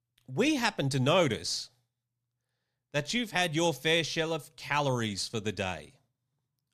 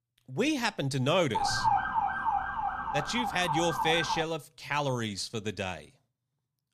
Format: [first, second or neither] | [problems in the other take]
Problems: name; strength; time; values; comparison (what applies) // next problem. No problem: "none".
first | siren; loud; from 1.5 to 4 s; peak 3 dB above the speech